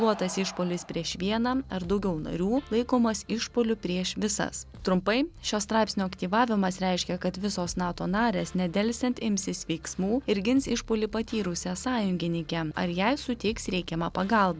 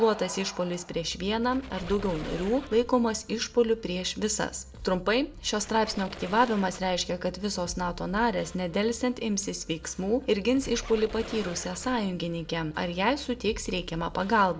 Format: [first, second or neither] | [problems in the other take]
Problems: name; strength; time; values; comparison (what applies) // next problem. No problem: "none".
first | background sound (Squeak); 16 dB below the speech // room echo; dies away in 0.3 s